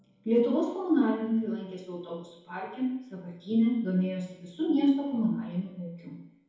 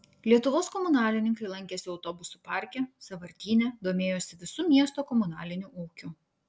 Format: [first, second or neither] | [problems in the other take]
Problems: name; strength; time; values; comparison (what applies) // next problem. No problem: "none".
second | room echo; dies away in 2 s